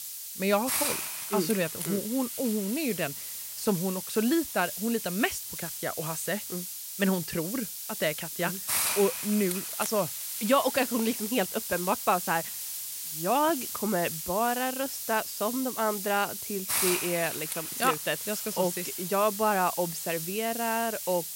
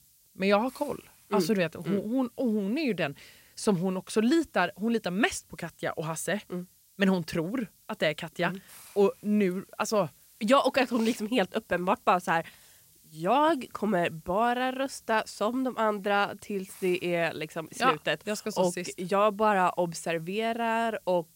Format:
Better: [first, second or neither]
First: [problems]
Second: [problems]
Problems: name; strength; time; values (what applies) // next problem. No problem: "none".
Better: second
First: hiss; loud; throughout; 3 dB below the speech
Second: hiss; faint; throughout; 25 dB below the speech